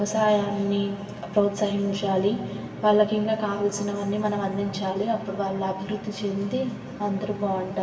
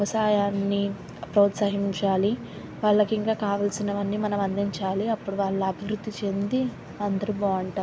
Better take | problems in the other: second | room echo; dies away in 2.5 s

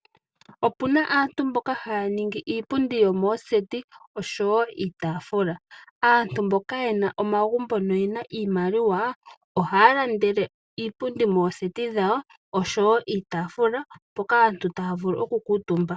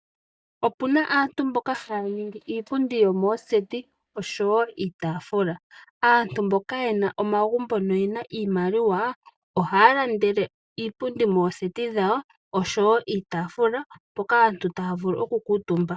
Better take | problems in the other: first | noise reduction (neural mask model DeepFilterNet 3)

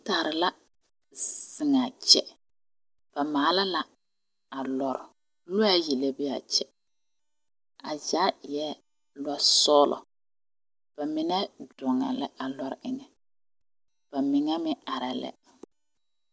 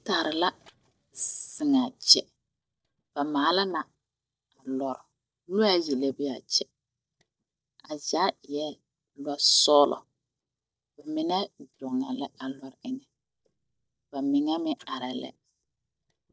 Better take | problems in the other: first | noise reduction (neural mask model DeepFilterNet 3)

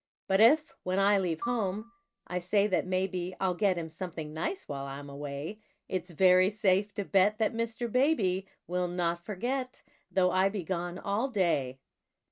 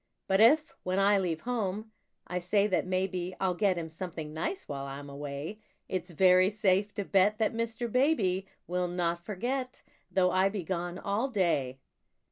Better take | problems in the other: second | noise reduction (neural mask model RNNoise)

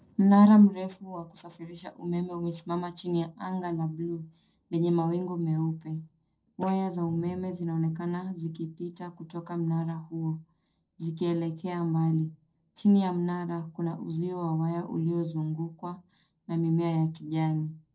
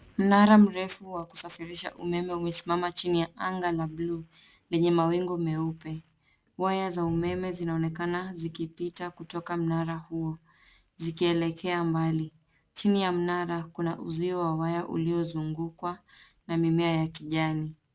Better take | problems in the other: second | noise reduction (neural separator model SepFormer DNS4)

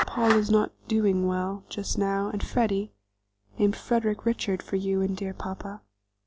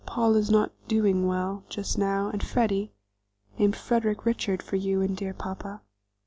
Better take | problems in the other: second | background sound (Clapping); 14 dB below the speech

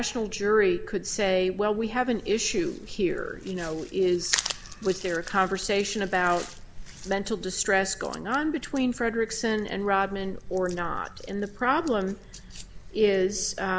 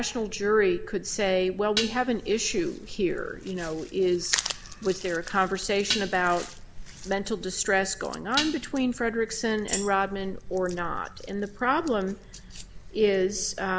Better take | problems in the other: first | background sound (Tambourine + Dishes, pots, and pans); 6 dB below the speech

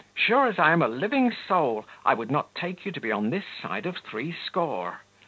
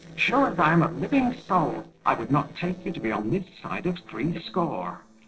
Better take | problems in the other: first | noise reduction (neural separator model SepFormer DNS4)

